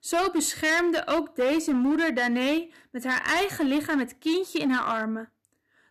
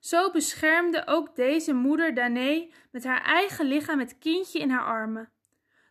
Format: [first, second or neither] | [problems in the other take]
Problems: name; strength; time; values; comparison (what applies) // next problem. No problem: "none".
second | distortion; slight; 12% of the sound clipped